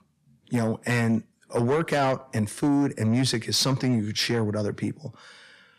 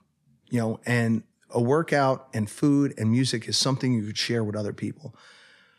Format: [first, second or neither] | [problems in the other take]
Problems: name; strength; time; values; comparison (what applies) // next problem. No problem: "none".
second | distortion; slight; 10 dB below the speech